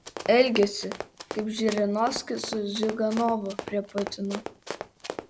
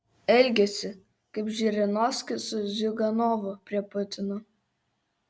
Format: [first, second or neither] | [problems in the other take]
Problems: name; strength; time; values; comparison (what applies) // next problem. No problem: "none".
second | background sound (Run); 11 dB below the speech